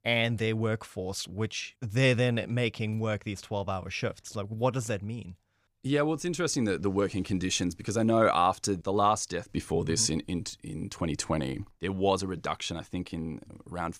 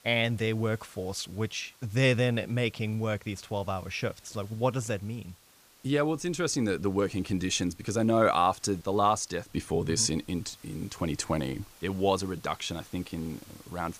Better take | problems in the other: first | hiss; faint; throughout; 25 dB below the speech

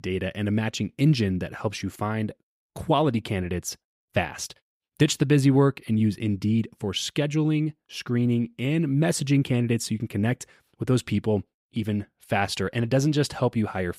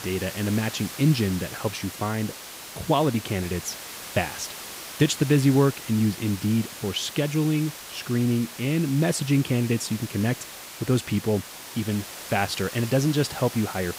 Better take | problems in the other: first | hiss; noticeable; throughout; 10 dB below the speech

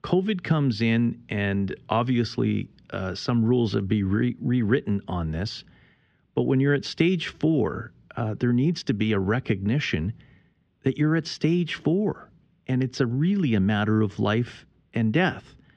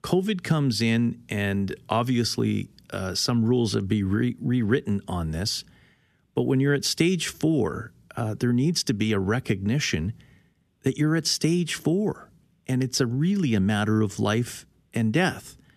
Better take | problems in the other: second | muffled; slightly; fading above 3.5 kHz

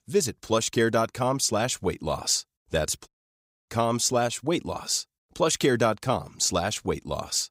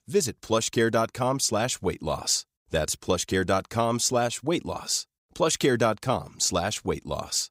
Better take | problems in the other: second | audio cutting out; at 3 s for 0.5 s

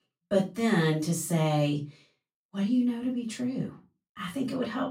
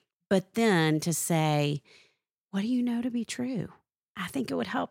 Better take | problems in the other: second | off-mic speech; far // room echo; slight; dies away in 0.2 s

